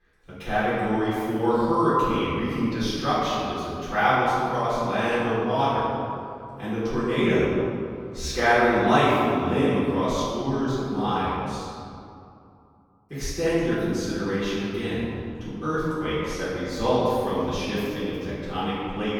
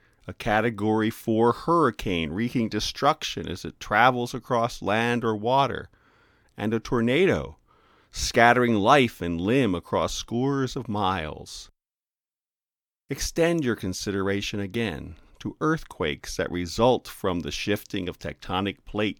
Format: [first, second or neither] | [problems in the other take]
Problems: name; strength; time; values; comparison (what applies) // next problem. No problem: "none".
second | room echo; strong; dies away in 2.2 s // off-mic speech; far